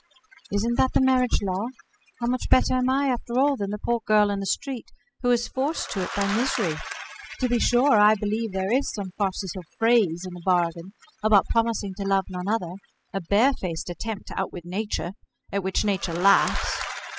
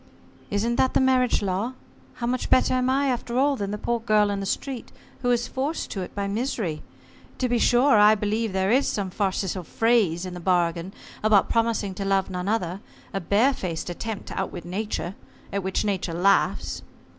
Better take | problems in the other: second | noise reduction (classical method spectral subtraction)

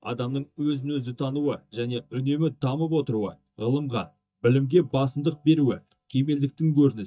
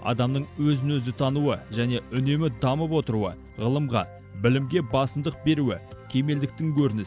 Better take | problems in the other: second | noise reduction (neural mask model DeepFilterNet 3)

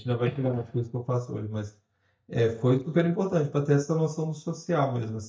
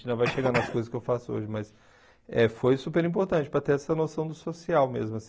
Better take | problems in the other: second | noise reduction (neural mask model DeepFilterNet 3)

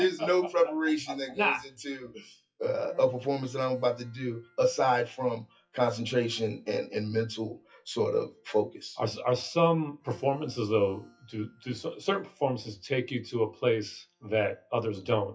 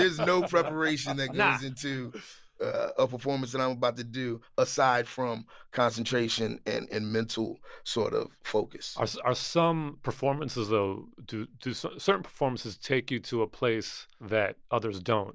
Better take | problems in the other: second | noise reduction (classical method WPE with log-MMSE)

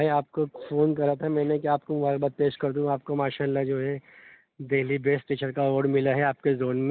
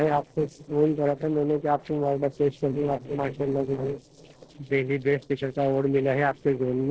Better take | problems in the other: first | noise reduction (neural separator model SepFormer DNS4)

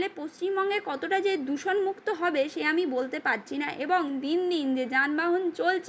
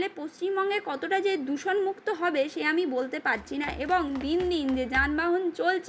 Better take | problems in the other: first | background sound (Run); 14 dB below the speech

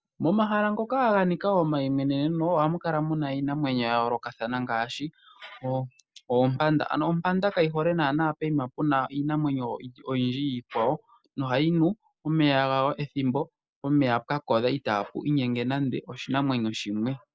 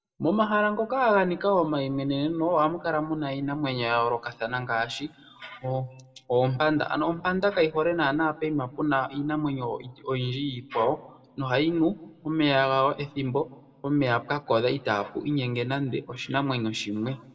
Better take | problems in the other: first | room echo; dies away in 0.7 s

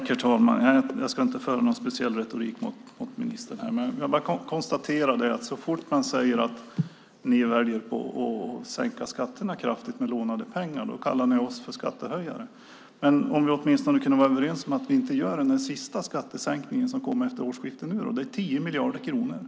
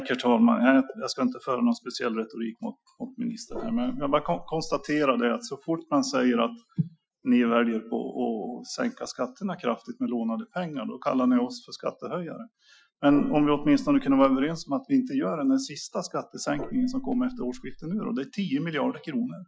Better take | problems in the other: first | noise reduction (classical method Wiener filter)

